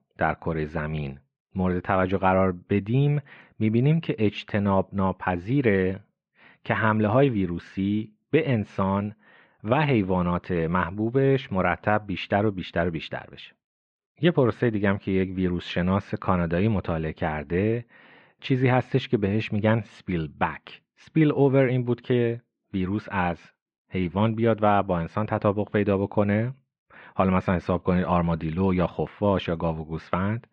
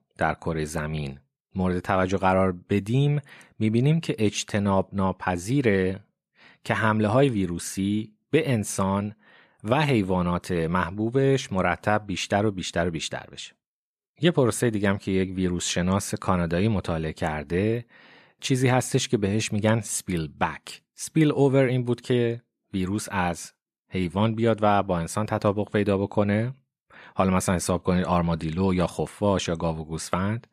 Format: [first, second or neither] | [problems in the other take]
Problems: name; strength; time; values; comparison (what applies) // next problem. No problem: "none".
second | muffled; very; fading above 3 kHz